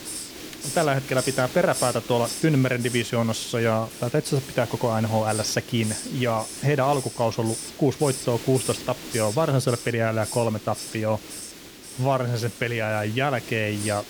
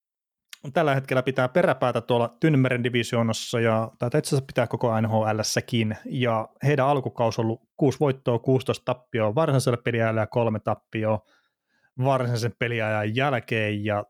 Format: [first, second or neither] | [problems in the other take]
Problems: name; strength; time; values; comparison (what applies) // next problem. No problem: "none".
second | hiss; loud; throughout; 10 dB below the speech